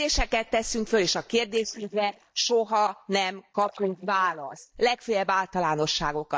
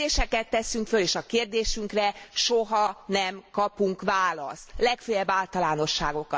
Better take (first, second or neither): second